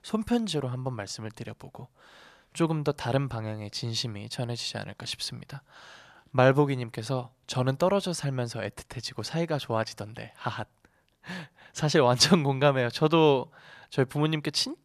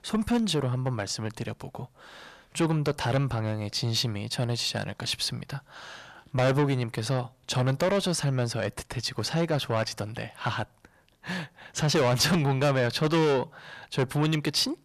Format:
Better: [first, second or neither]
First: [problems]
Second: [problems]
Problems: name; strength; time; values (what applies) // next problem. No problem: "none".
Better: first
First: none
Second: distortion; heavy; 6 dB below the speech